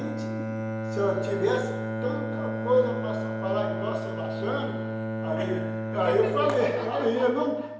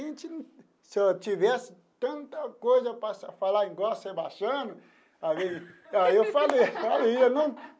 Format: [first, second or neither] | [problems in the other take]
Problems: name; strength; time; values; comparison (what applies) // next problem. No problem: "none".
second | background sound (Bowed string instrument); 4 dB below the speech // room echo; dies away in 0.9 s